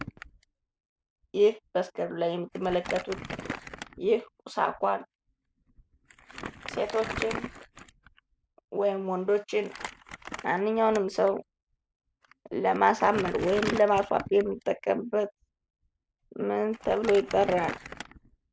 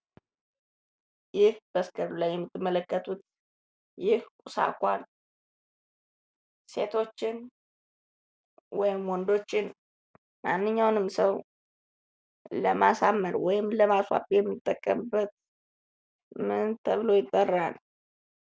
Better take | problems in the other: second | background sound (Crumpling, crinkling); 13 dB below the speech

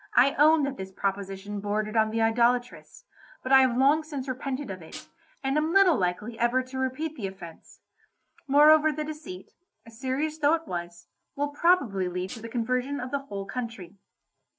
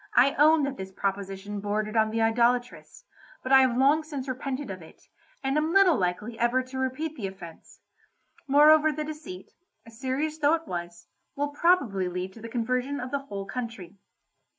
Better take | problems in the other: second | noise reduction (neural separator model SepFormer DNS4)

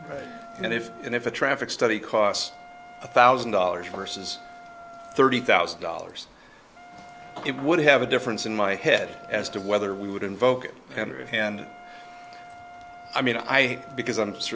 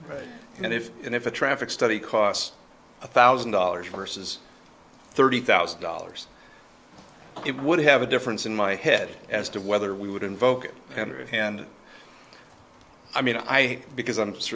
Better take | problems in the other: second | background sound (Wind instrument, woodwind instrument); 20 dB below the speech

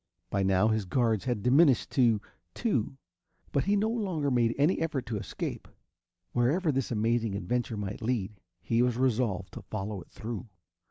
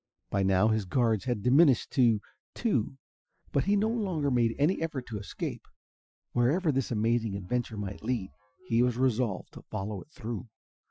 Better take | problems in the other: first | noise reduction (classical method Wiener filter)

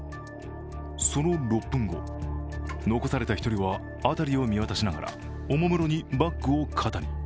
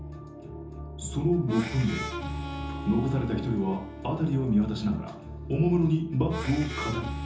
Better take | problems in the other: first | background sound (Harmonica); 13 dB below the speech // room echo; dies away in 0.6 s

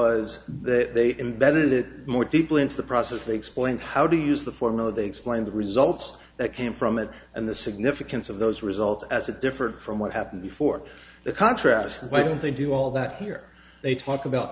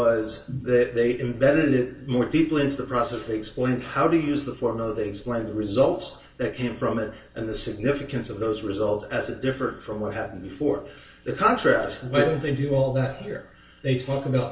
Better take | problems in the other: first | room echo; dies away in 0.3 s

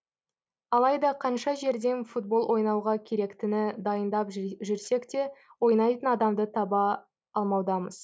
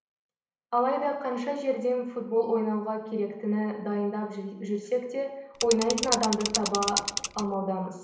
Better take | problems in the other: first | background sound (Mechanisms / Bicycle); 3 dB below the speech // room echo; dies away in 0.8 s

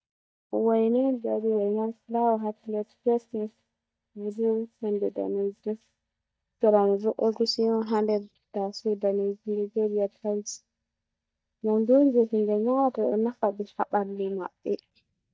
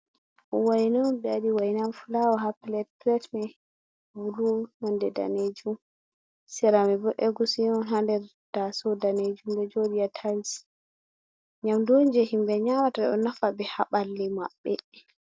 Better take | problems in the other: second | noise reduction (neural mask model DeepFilterNet 3)

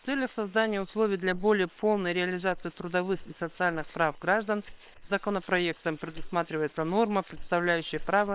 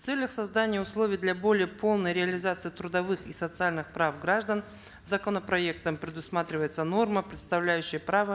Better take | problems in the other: second | noise reduction (neural separator model SepFormer WHAM!)

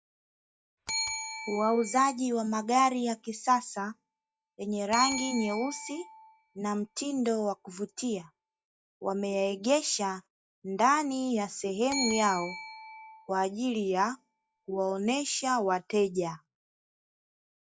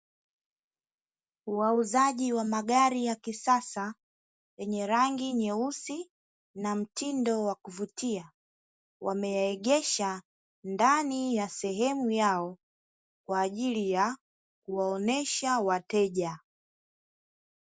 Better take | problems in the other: second | noise reduction (classical method log-MMSE)

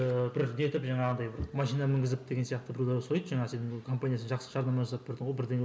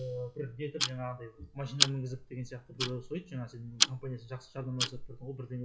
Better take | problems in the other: first | noise reduction (classical method log-MMSE)

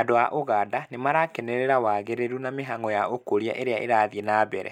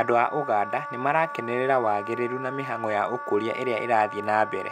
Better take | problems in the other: first | background sound (Wind instrument, woodwind instrument); 10 dB below the speech

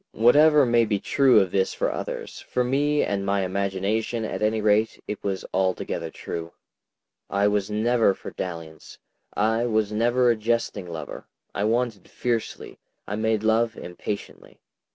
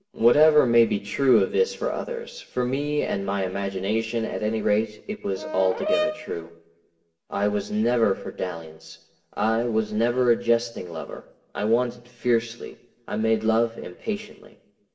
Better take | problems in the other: first | background sound (Brass instrument); 5 dB below the speech // room echo; dies away in 0.7 s

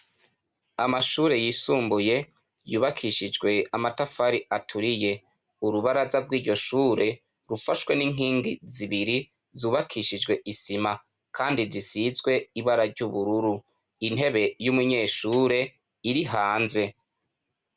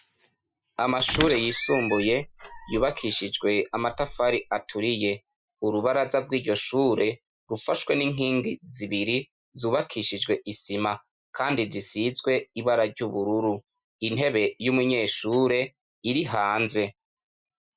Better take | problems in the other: first | noise reduction (classical method Wiener filter)

